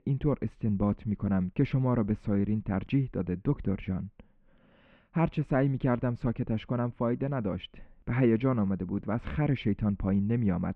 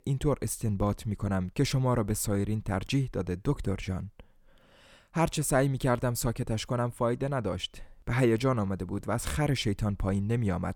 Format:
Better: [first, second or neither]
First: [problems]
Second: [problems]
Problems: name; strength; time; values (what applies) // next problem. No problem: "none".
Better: second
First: muffled; very; fading above 2.5 kHz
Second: none